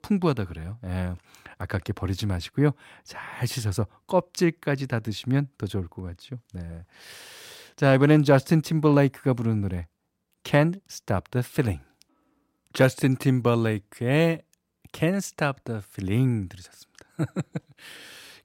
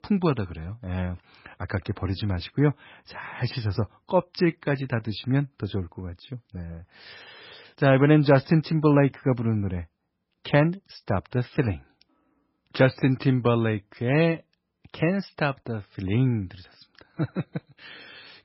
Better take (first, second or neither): first